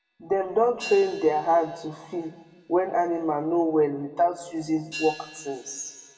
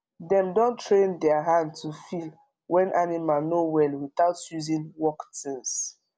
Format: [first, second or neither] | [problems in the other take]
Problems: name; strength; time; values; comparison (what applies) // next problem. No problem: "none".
second | background sound (Hi-hat); 19 dB below the speech // room echo; dies away in 1.3 s